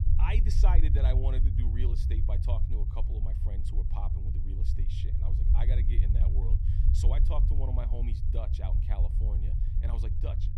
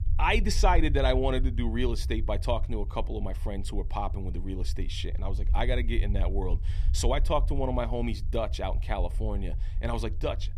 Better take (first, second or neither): second